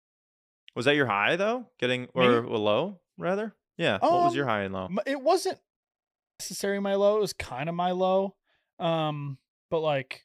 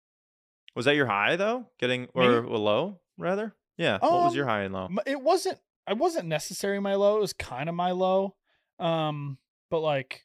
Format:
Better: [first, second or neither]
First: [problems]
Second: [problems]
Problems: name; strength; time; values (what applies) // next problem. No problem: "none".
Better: second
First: audio freezing; at 6 s for 0.5 s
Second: none